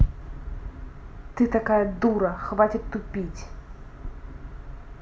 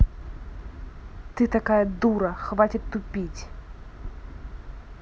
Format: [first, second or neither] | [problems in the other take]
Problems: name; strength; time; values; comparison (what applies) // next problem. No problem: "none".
second | room echo; dies away in 1.8 s